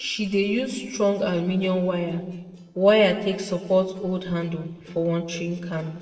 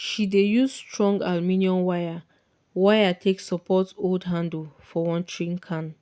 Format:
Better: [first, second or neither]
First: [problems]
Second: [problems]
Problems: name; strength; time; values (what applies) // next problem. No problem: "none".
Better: second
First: noise reduction (neural separator model SepFormer DNS4)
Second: none